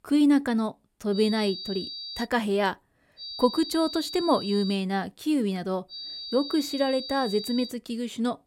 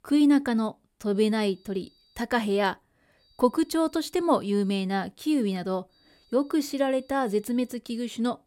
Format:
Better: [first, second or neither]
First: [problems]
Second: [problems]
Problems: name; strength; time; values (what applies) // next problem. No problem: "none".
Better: second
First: high-pitched whine; loud; from 1 to 2 s, from 3 to 5 s and from 6 to 7.5 s; 4.5 kHz, 9 dB below the speech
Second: high-pitched whine; faint; from 1 to 2 s, from 3 to 5 s and from 6 to 7.5 s; 4.5 kHz, 35 dB below the speech